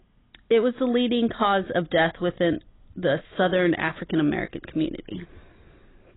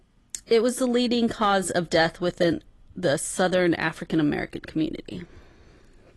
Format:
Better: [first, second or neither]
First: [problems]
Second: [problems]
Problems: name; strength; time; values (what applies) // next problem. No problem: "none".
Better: second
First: garbled, watery; badly; nothing above 3.5 kHz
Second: garbled, watery; slightly; nothing above 11.5 kHz